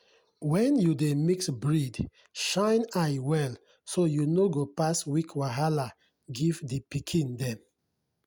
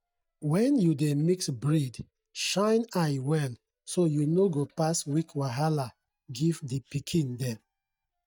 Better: first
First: none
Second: noise reduction (neural mask model DeepFilterNet 3)

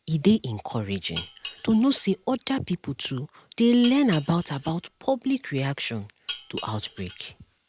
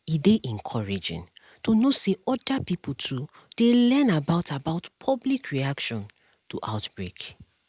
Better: second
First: background sound (Dishes, pots, and pans); 15 dB below the speech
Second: none

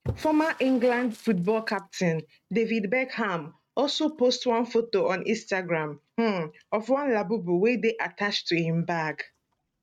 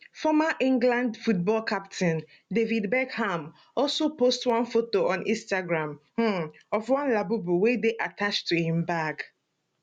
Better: second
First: noise reduction (neural mask model RNNoise)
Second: none

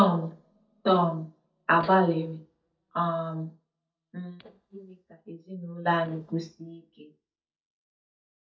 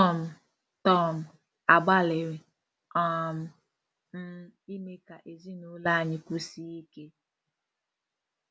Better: second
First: noise reduction (neural mask model DeepFilterNet 3)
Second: none

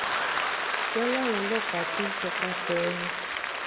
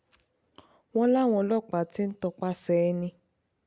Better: second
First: background sound (Applause / Crowd); 3 dB above the speech // room echo; dies away in 0.5 s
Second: none

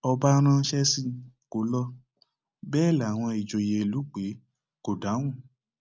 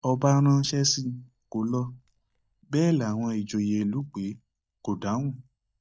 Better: first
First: none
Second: noise reduction (neural mask model DeepFilterNet 3)

